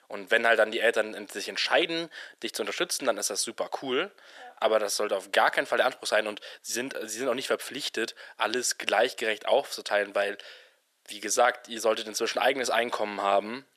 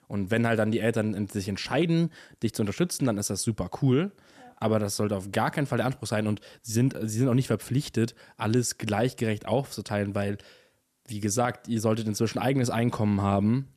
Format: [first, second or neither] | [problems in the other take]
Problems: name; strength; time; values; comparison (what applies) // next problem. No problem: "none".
second | thin; very; fading below 400 Hz